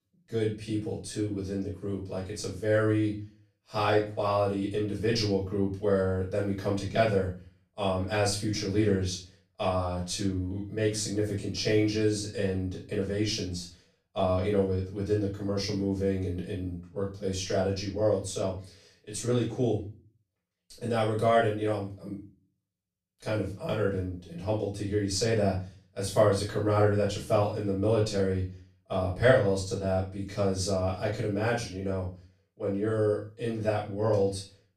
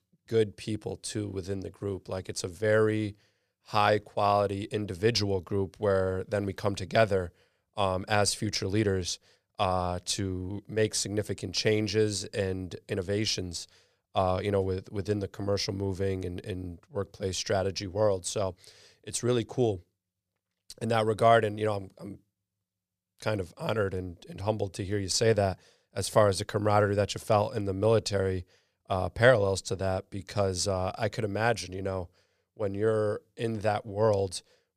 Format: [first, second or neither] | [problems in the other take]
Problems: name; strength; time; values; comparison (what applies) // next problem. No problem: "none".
second | room echo; noticeable; dies away in 0.3 s // off-mic speech; far